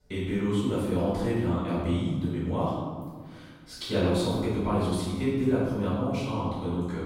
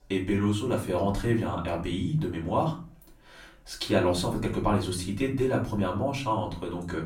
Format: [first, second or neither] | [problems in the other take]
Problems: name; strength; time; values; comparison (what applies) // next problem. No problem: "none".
second | room echo; strong; dies away in 1.5 s; slight in the second // off-mic speech; far; far in the second